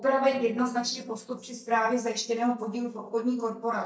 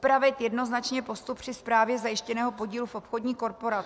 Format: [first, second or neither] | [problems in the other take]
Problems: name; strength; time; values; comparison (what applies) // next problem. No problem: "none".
second | noise reduction (neural mask model DeepFilterNet 3)